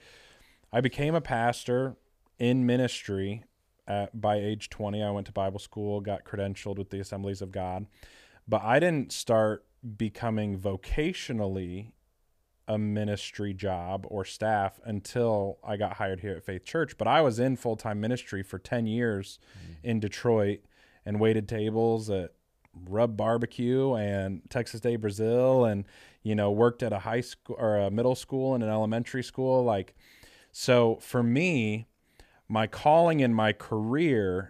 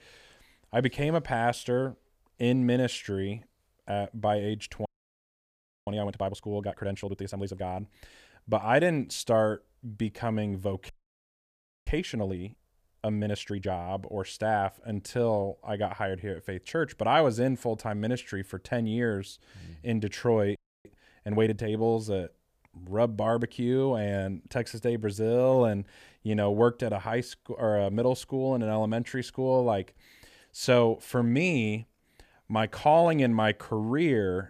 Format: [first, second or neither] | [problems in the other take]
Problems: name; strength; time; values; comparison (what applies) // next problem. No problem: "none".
first | audio freezing; at 5 s for 1 s, at 11 s for 1 s and at 21 s